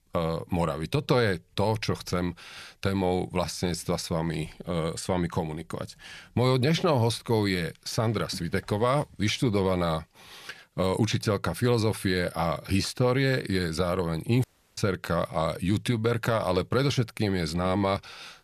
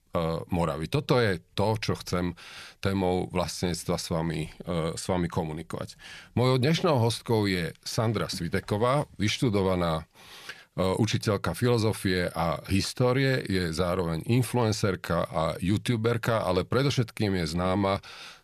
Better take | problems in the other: second | audio cutting out; at 14 s

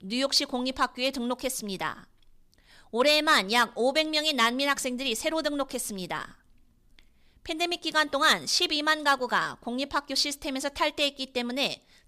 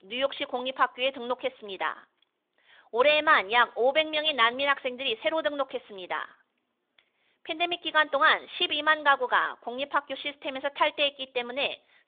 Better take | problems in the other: first | phone-call audio; nothing above 3.5 kHz

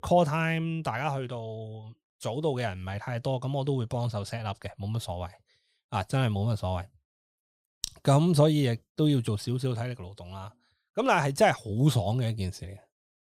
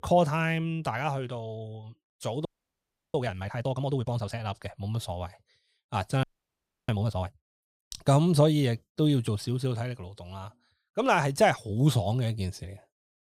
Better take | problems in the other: first | audio freezing; at 2.5 s for 0.5 s and at 6 s for 0.5 s

